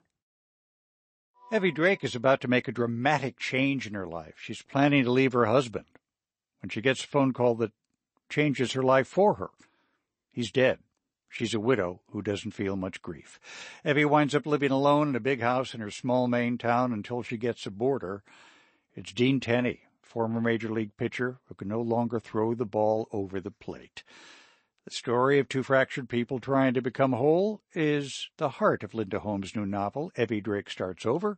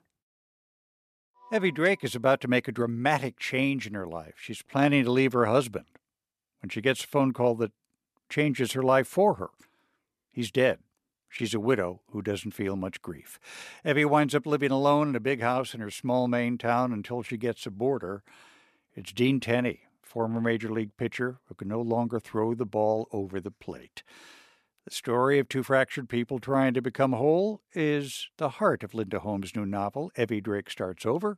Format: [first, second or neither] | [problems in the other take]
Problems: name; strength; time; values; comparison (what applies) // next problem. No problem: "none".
second | garbled, watery; slightly; nothing above 8 kHz